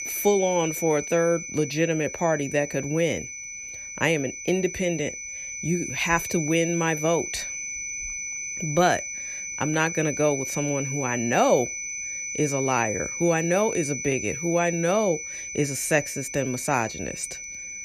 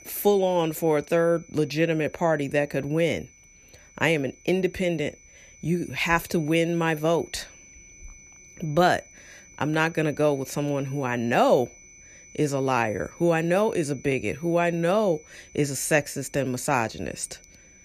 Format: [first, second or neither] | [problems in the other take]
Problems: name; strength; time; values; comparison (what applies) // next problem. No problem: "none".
second | high-pitched whine; loud; throughout; 6 kHz, 6 dB below the speech; faint in the second